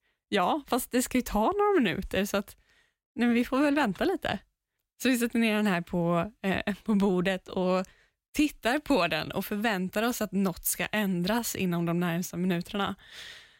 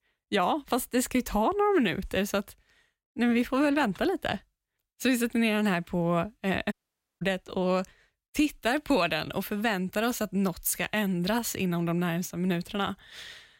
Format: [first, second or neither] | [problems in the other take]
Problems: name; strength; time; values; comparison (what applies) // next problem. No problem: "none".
first | audio cutting out; at 6.5 s